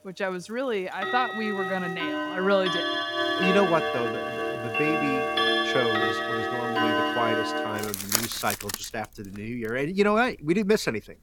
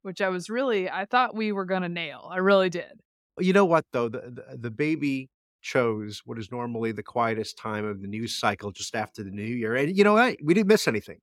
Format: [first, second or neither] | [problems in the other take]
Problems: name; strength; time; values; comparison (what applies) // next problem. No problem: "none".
second | household noises; very loud; throughout; 1 dB above the speech